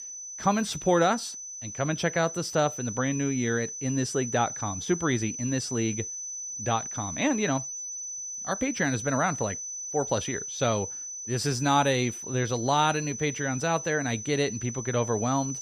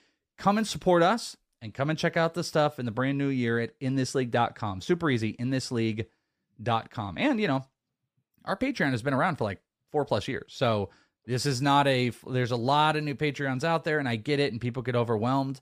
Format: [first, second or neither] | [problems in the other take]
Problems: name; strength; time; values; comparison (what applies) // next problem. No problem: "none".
second | high-pitched whine; loud; throughout; 6 kHz, 7 dB below the speech